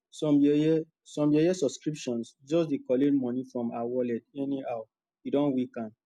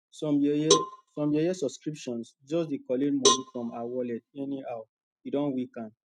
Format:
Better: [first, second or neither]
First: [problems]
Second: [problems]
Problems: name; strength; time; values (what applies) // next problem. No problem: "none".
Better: first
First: none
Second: noise reduction (neural mask model RNNoise)